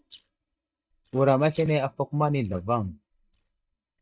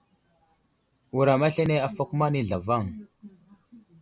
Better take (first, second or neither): second